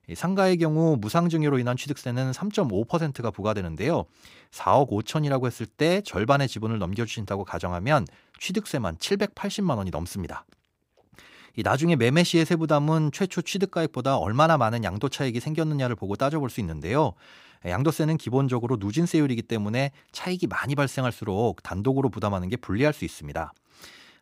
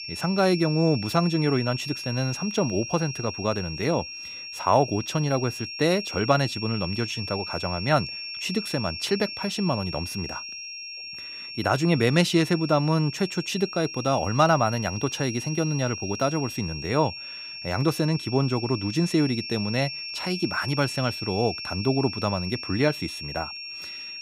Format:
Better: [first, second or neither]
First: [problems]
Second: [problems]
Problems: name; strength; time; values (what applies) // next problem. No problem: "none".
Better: first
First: none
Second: high-pitched whine; loud; throughout; 5.5 kHz, 8 dB below the speech